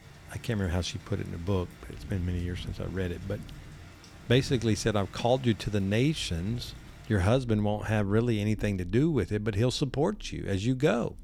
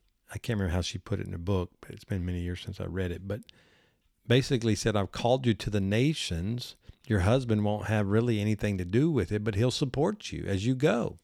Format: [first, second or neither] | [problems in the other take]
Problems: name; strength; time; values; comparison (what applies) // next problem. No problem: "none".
second | rain or running water; noticeable; throughout; 20 dB below the speech